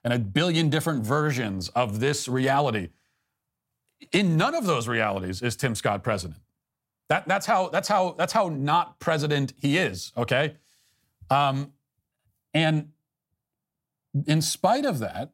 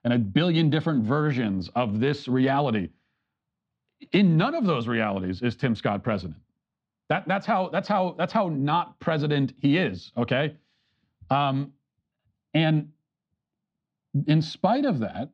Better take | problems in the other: first | muffled; very slightly; fading above 4 kHz

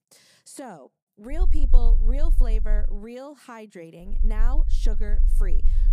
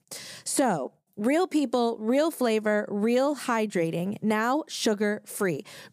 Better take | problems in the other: second | low rumble; noticeable; from 1.5 to 3 s and from 4 s on; 10 dB below the speech

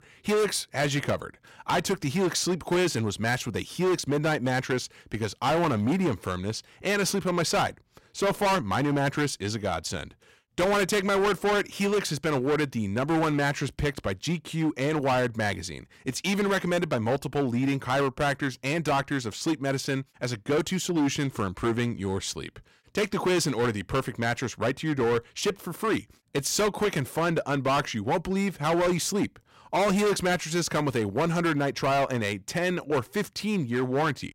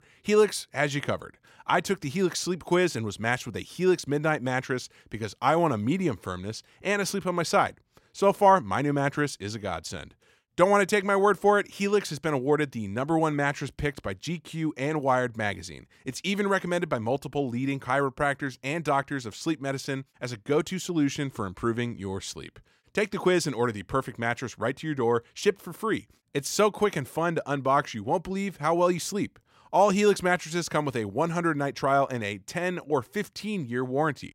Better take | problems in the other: second | distortion; heavy; 14% of the sound clipped

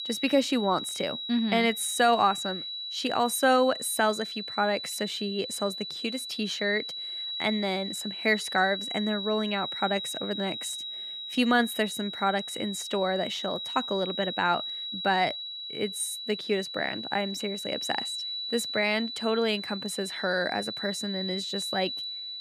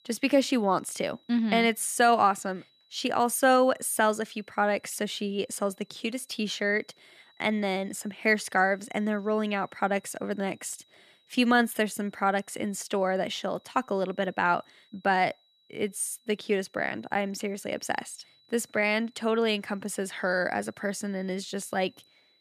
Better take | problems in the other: second | high-pitched whine; loud; throughout; 4 kHz, 5 dB below the speech; faint in the second

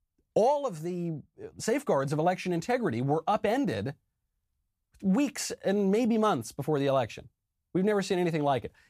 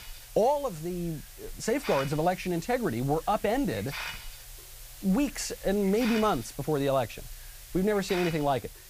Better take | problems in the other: first | hiss; noticeable; throughout; 15 dB below the speech

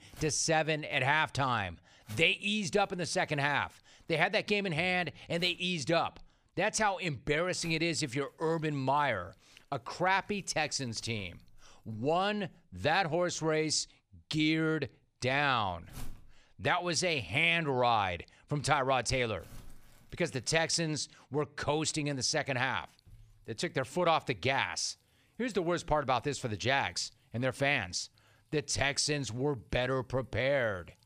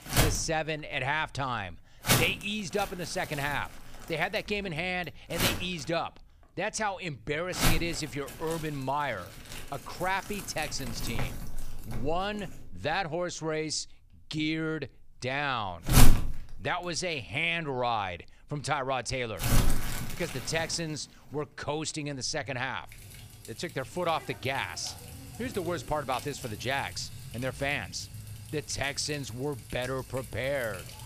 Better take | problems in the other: first | household noises; loud; throughout; 1 dB below the speech; faint in the first

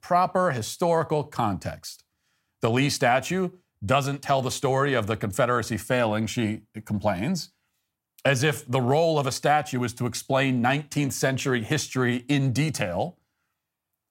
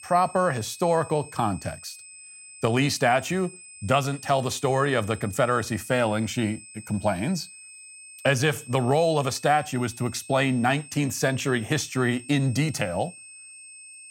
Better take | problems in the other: first | high-pitched whine; noticeable; throughout; 8.5 kHz, 20 dB below the speech

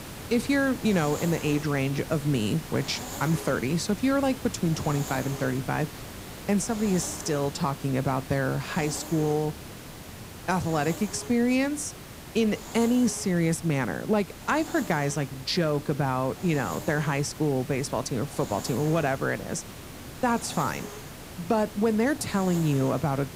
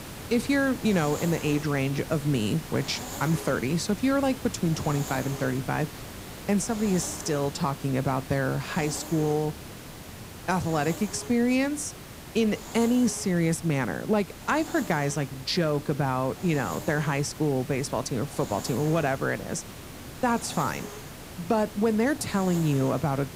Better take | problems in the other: neither | hiss; noticeable; throughout; 10 dB below the speech; the same in both

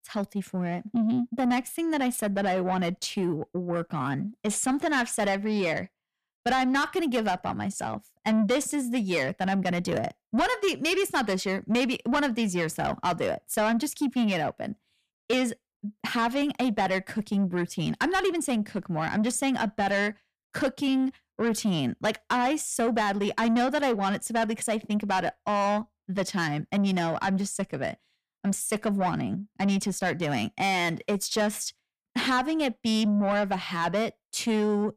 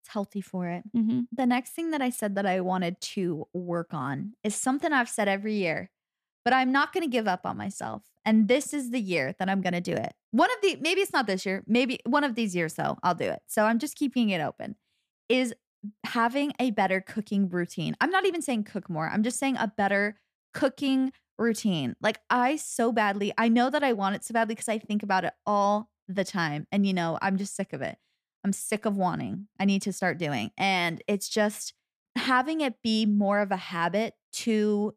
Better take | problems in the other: second | distortion; slight; 10 dB below the speech

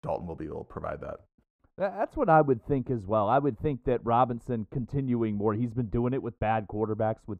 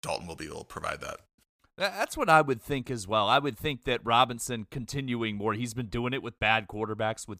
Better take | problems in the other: second | muffled; very; fading above 2 kHz

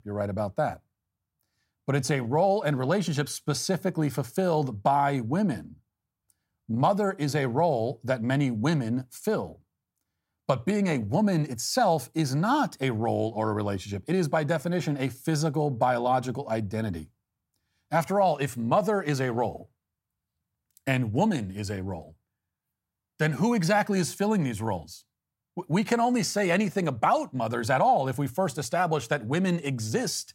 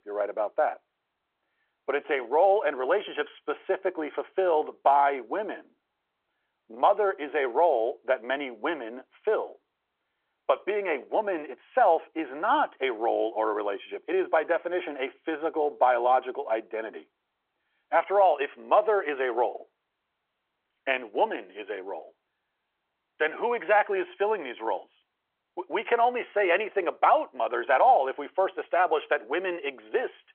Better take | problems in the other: first | phone-call audio

